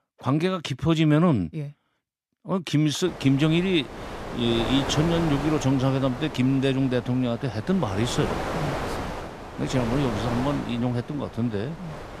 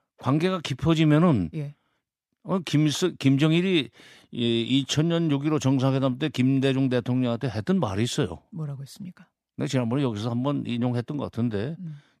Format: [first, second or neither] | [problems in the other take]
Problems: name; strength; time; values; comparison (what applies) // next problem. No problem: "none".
second | wind noise on the microphone; heavy; from 3 s on; 5 dB below the speech